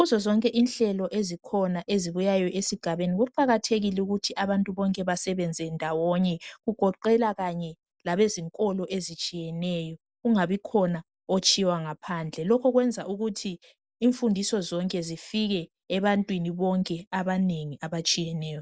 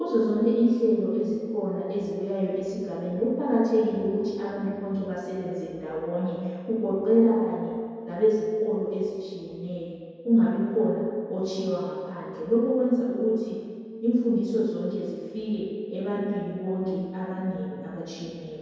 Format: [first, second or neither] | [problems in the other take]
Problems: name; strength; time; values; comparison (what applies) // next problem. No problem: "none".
first | room echo; dies away in 2.2 s